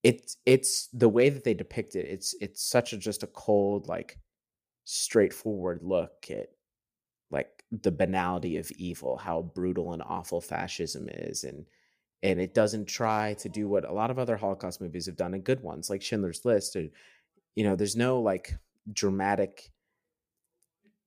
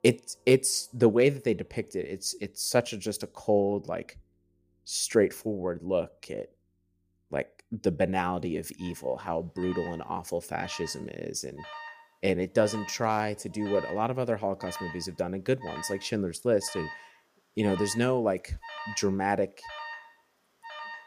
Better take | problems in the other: first | alarms or sirens; noticeable; throughout; 15 dB below the speech

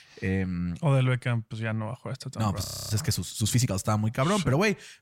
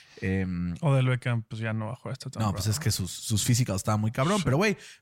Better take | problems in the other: second | audio freezing; at 2.5 s

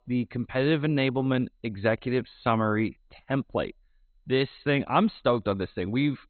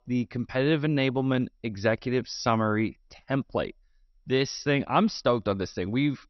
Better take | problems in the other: second | garbled, watery; badly; nothing above 4 kHz; slightly in the second

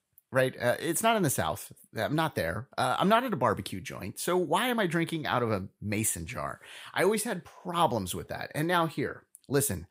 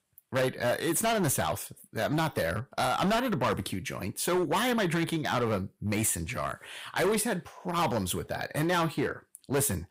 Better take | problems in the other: first | distortion; heavy; 13% of the sound clipped

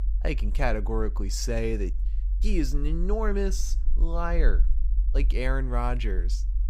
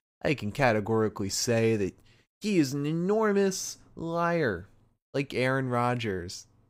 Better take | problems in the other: second | low rumble; faint; throughout; 20 dB below the speech

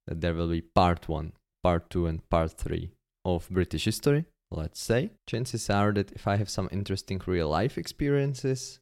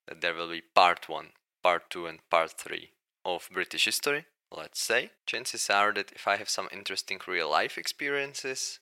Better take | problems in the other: first | thin; very; fading below 750 Hz

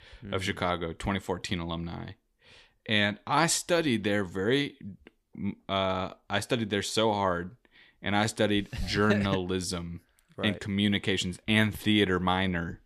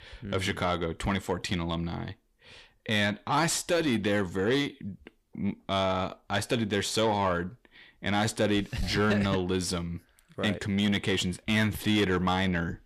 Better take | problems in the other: first | distortion; slight; 10 dB below the speech

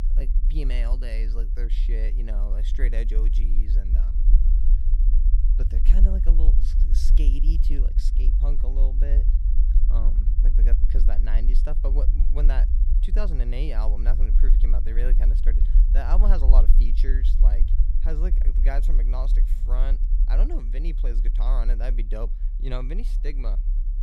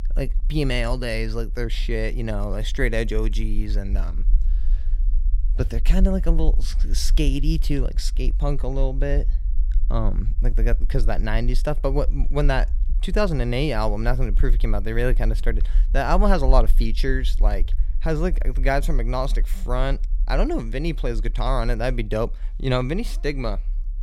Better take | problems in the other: second | low rumble; loud; throughout; 8 dB below the speech; faint in the second

